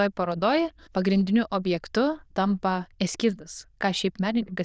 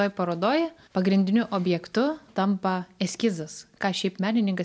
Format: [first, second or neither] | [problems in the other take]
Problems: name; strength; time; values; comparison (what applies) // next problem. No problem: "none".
second | noise reduction (neural diffusion model UNIVERSE++)